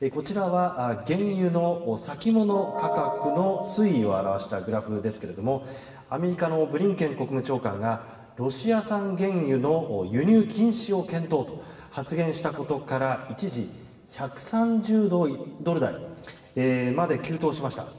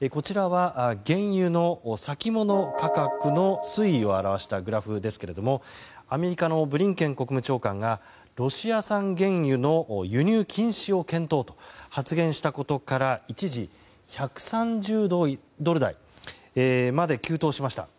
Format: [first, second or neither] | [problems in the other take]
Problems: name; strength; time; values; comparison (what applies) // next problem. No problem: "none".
second | room echo; dies away in 2.2 s